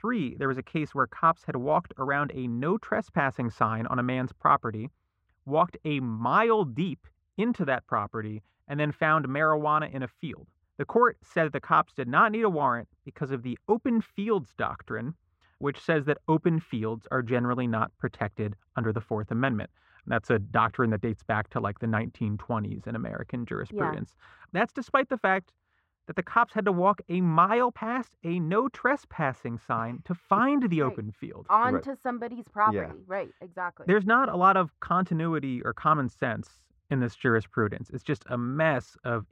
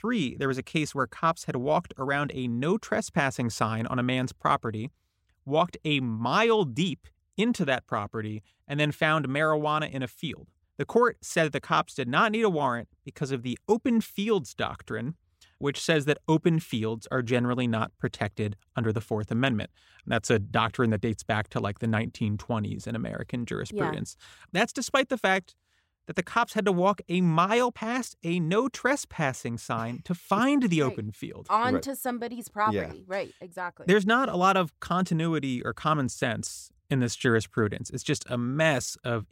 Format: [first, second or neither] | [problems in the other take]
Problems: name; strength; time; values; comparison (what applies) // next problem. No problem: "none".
second | muffled; very; fading above 4 kHz